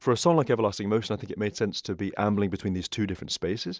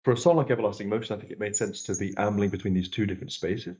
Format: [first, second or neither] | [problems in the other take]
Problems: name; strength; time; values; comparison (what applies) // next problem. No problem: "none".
first | noise reduction (neural mask model DeepFilterNet 3)